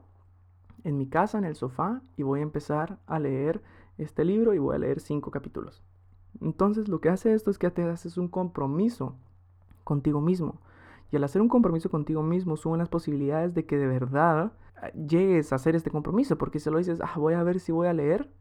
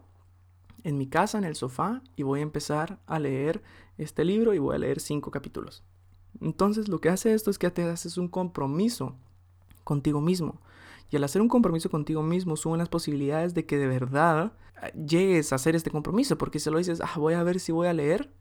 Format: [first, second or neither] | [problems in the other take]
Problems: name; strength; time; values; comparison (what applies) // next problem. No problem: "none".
second | muffled; slightly; fading above 2.5 kHz